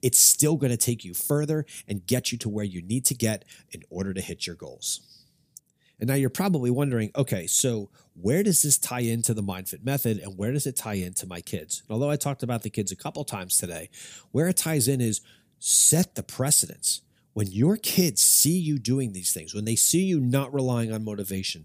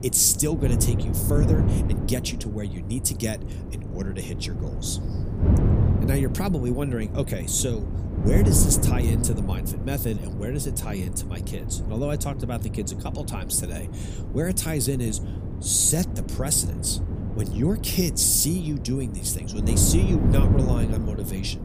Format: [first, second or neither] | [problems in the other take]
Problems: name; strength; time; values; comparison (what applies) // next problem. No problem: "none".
first | wind noise on the microphone; heavy; 8 dB below the speech